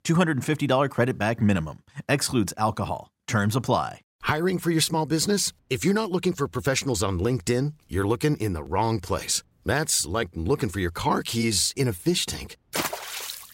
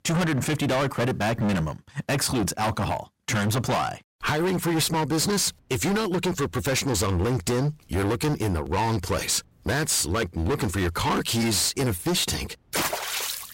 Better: first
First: none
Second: distortion; heavy; 26% of the sound clipped

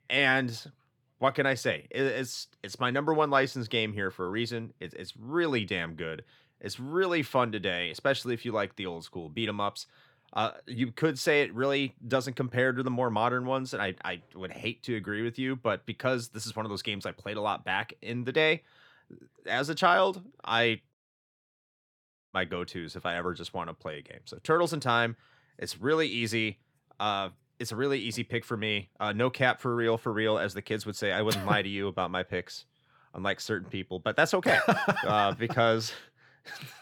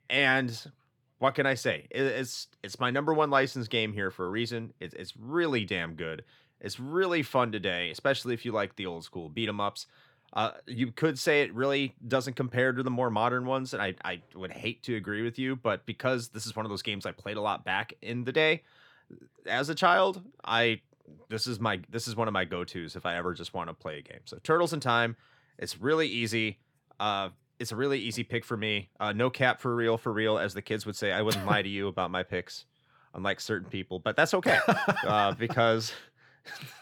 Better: second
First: audio cutting out; at 21 s for 1.5 s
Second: none

